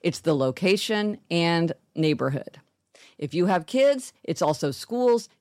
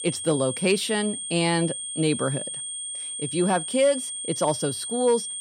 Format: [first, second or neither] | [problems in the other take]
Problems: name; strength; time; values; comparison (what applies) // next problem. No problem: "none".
first | high-pitched whine; loud; throughout; 8.5 kHz, 5 dB below the speech